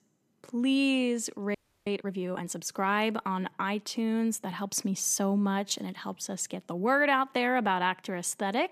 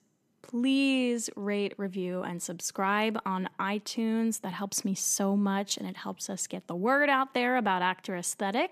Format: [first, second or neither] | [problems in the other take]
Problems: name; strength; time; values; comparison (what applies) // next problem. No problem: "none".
second | audio freezing; at 1.5 s